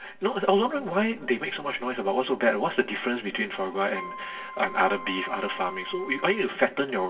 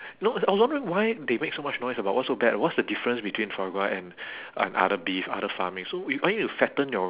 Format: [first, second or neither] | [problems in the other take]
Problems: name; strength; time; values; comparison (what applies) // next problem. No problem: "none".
second | background sound (Wind instrument, woodwind instrument); 13 dB below the speech // room echo; dies away in 2.7 s